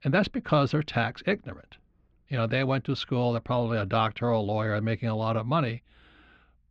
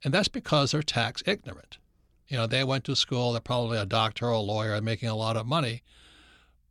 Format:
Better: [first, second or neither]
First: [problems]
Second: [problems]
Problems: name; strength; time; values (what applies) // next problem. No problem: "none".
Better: second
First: muffled; slightly; fading above 2 kHz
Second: none